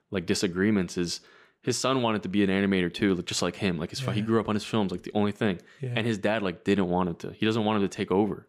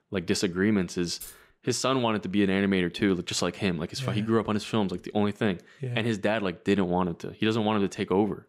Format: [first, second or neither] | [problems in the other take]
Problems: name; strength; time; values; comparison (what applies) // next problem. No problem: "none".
first | jangling keys; faint; at 1 s; peak 15 dB below the speech